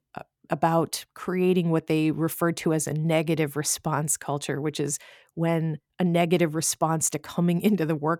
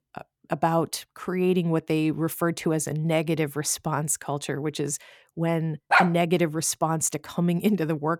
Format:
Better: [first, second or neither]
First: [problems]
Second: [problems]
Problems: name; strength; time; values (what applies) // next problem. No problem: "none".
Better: first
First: none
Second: dog barking; loud; at 6 s; peak 5 dB above the speech